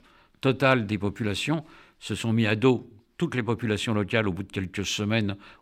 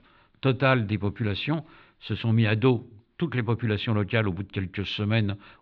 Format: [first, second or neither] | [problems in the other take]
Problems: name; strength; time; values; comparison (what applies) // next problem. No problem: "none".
first | muffled; slightly; fading above 4 kHz